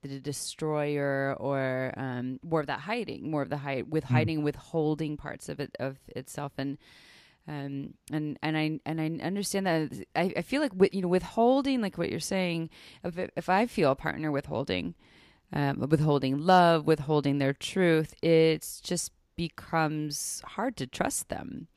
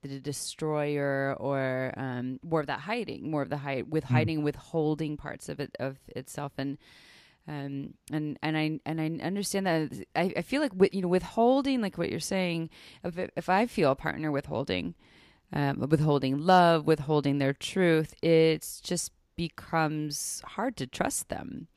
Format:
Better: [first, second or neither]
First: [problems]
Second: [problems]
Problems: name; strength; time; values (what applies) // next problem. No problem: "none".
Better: neither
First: none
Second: none